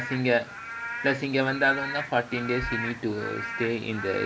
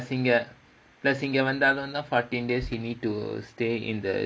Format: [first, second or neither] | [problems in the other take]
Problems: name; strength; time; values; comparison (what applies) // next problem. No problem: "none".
second | background sound (Rain / Frog); 8 dB below the speech